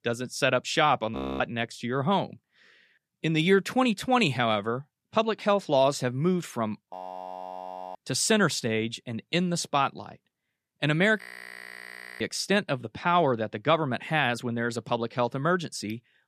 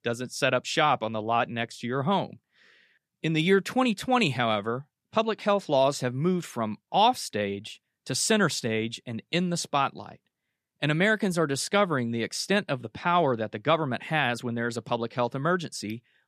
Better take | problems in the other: second | audio freezing; at 1 s, at 7 s for 1 s and at 11 s for 1 s

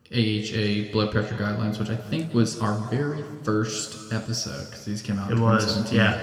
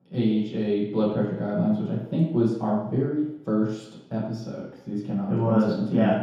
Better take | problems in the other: first | room echo; strong; dies away in 0.8 s; slight in the first // off-mic speech; far

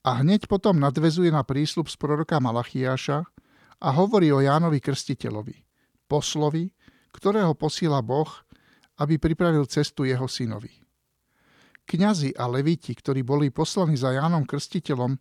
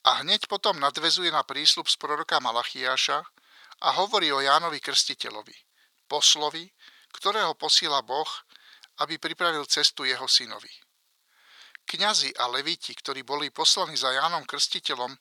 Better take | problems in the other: first | thin; very; fading below 1 kHz

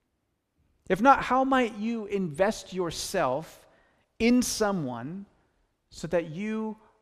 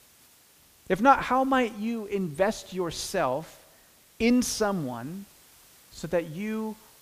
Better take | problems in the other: first | hiss; faint; throughout; 25 dB below the speech

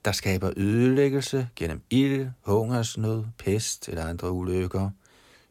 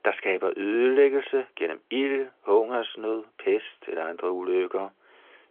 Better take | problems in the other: first | phone-call audio; nothing above 3.5 kHz

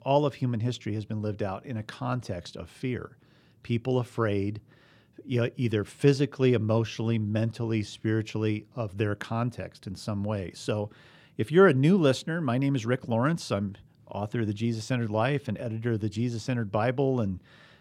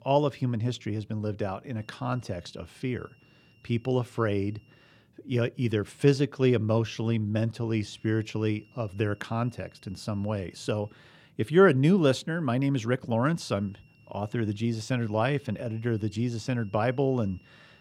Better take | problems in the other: first | high-pitched whine; faint; from 2 to 5 s, from 7.5 to 11 s and from 13 s on; 3 kHz, 35 dB below the speech

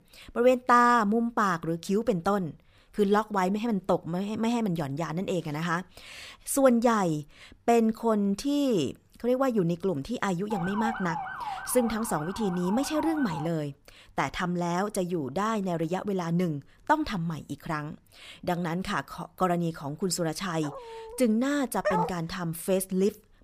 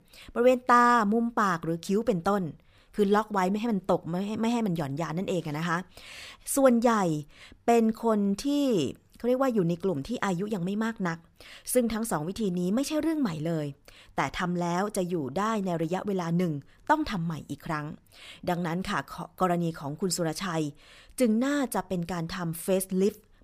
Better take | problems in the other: second | siren; noticeable; from 11 to 13 s; peak 5 dB below the speech // dog barking; faint; at 21 s; peak 15 dB below the speech // dog barking; noticeable; at 22 s; peak 1 dB below the speech

